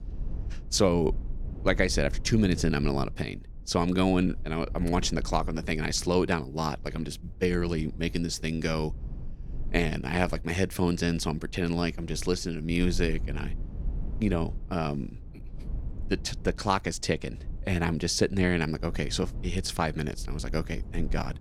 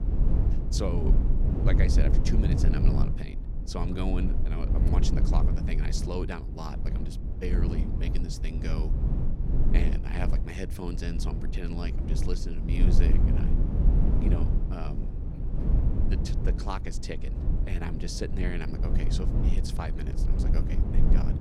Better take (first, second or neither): first